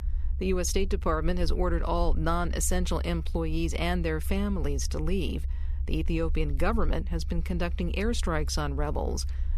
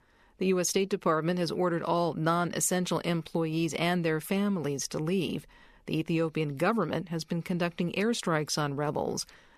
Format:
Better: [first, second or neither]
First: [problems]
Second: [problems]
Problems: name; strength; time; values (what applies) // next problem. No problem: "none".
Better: second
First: low rumble; faint; throughout; 20 dB below the speech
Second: none